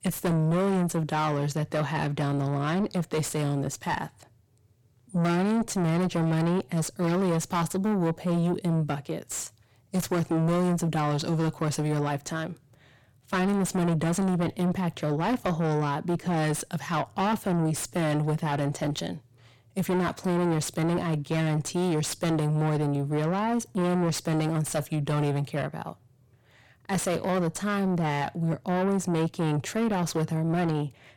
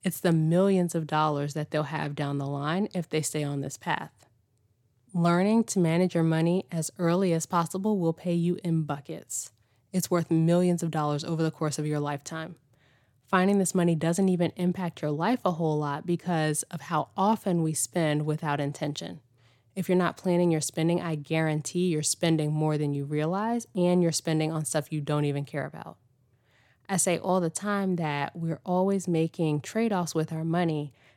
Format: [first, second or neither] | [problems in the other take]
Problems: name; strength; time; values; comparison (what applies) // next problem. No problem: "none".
second | distortion; heavy; 7 dB below the speech